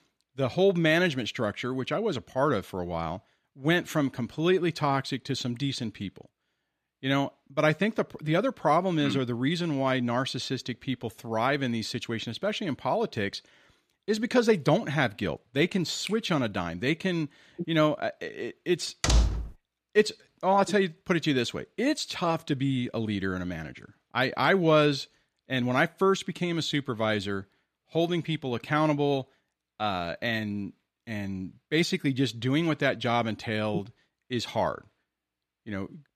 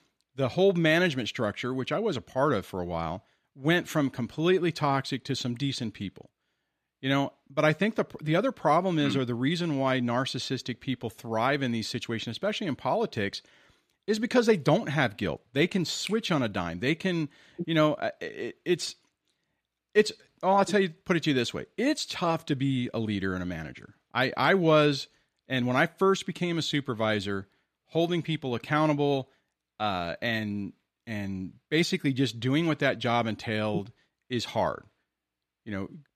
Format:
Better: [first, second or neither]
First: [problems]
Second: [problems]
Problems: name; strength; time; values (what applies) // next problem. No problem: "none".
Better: second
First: door banging; loud; at 19 s; peak 3 dB above the speech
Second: none